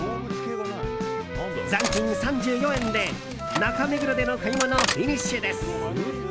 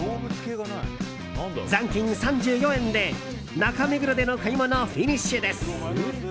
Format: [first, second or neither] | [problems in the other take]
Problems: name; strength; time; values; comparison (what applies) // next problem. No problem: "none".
second | background sound (Wind instrument, woodwind instrument + Cutlery, silverware); 3 dB below the speech